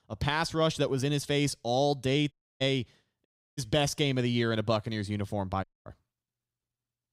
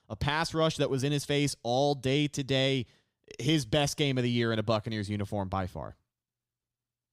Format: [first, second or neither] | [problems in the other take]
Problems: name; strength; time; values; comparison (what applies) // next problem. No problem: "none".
second | audio cutting out; at 2.5 s, at 3.5 s and at 5.5 s